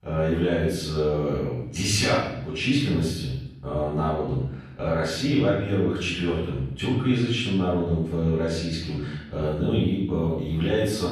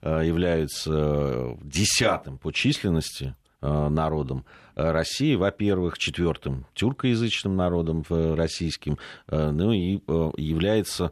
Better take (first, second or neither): second